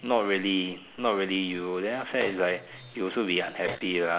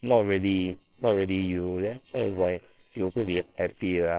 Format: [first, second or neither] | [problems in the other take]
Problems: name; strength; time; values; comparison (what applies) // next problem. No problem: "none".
first | noise reduction (neural separator model SepFormer WHAMR!)